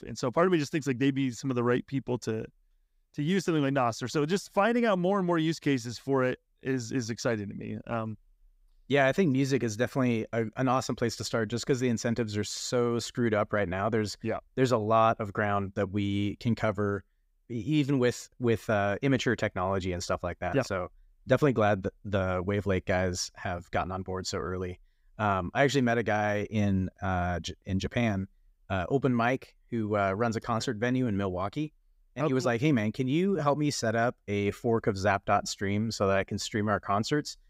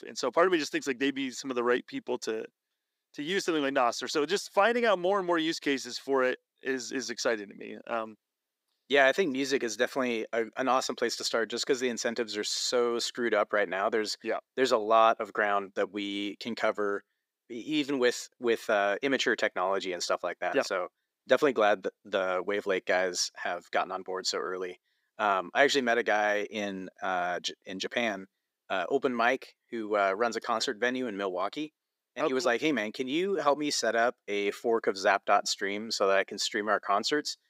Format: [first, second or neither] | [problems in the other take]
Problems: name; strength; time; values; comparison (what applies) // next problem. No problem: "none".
first | thin; somewhat; fading below 300 Hz